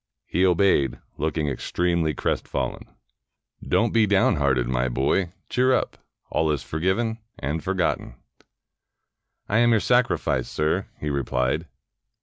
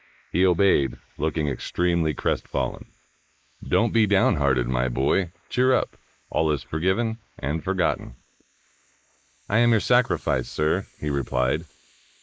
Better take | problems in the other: first | noise reduction (neural mask model Resemble Enhance denoiser)

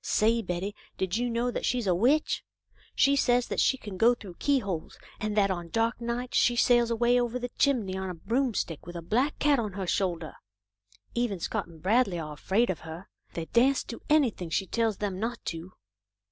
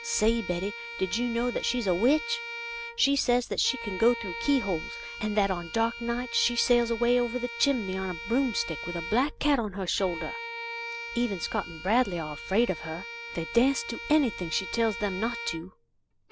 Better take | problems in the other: first | background sound (Bowed string instrument); 11 dB below the speech

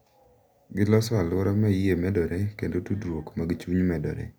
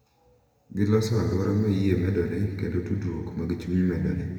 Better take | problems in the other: first | room echo; dies away in 2.5 s

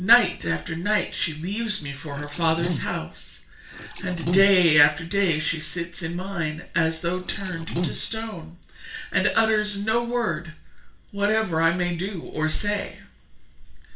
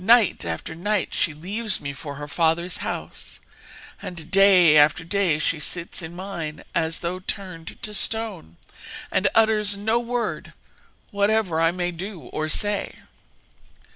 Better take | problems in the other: second | background sound (Liquid); 5 dB below the speech // room echo; dies away in 0.4 s

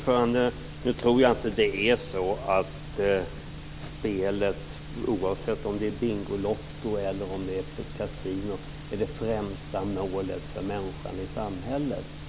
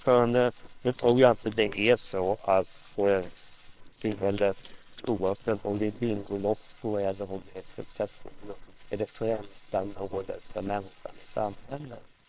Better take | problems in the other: first | noise reduction (neural separator model SepFormer WHAMR!)

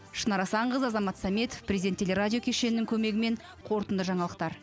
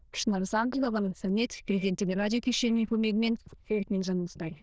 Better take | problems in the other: first | noise reduction (neural diffusion model UNIVERSE++)

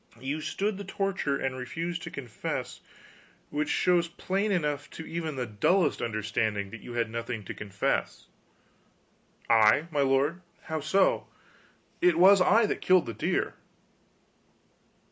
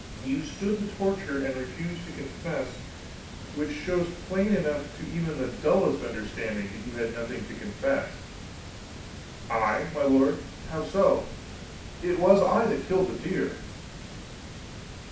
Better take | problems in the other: first | background sound (Water); 12 dB below the speech // room echo; dies away in 0.6 s

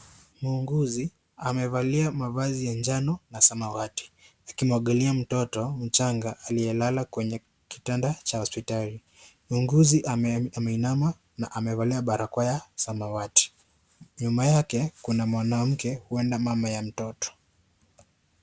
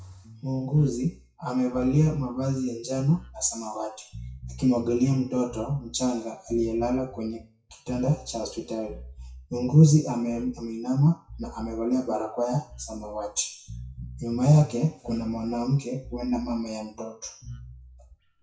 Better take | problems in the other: first | noise reduction (classical method WPE with log-MMSE)

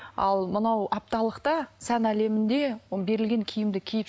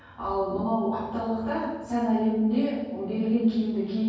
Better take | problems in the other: first | room echo; dies away in 1.3 s

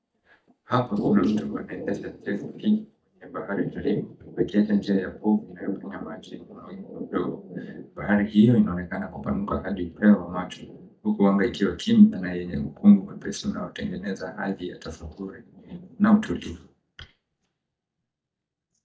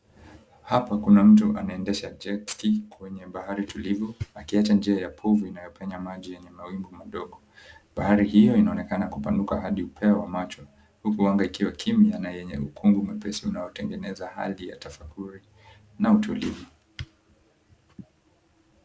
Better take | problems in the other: second | noise reduction (neural mask model DeepFilterNet 3)

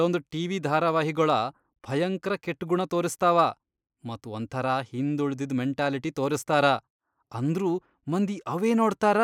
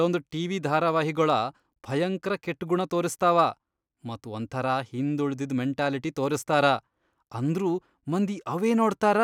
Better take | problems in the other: second | noise reduction (neural mask model Resemble Enhance denoiser)

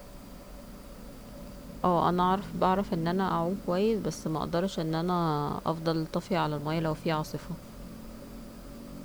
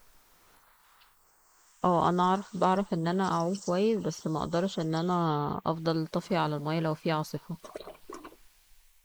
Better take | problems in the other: first | noise reduction (neural mask model Resemble Enhance denoiser)

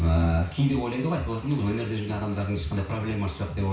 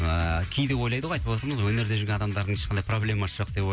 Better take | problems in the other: second | room echo; dies away in 0.6 s

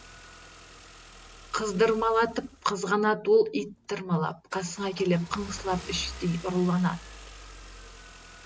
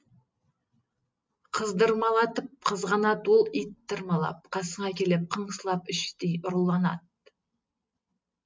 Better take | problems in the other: second | background sound (Engine starting / Car); 17 dB below the speech

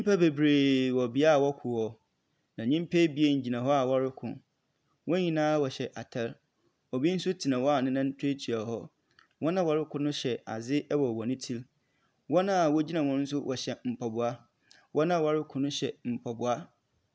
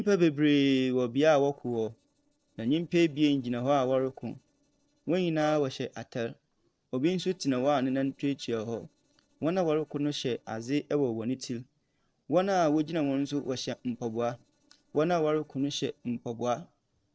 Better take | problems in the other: first | noise reduction (neural separator model SepFormer DNS4)

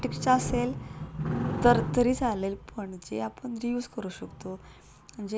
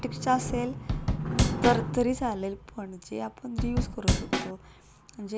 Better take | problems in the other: first | background sound (Drum / Drum kit); 3 dB above the speech

